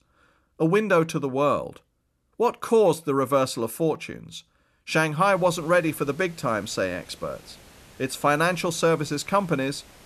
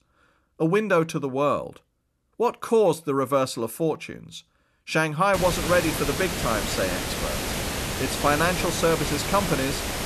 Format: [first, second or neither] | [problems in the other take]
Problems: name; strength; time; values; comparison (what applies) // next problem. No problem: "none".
first | hiss; loud; from 5.5 s on; 3 dB below the speech; faint in the first